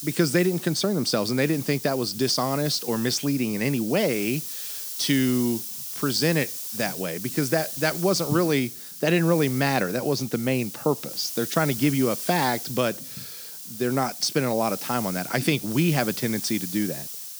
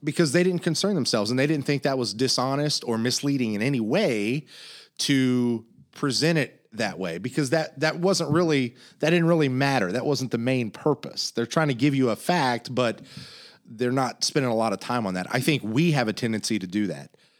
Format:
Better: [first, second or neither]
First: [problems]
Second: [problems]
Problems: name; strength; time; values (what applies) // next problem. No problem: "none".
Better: second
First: hiss; loud; throughout; 8 dB below the speech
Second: none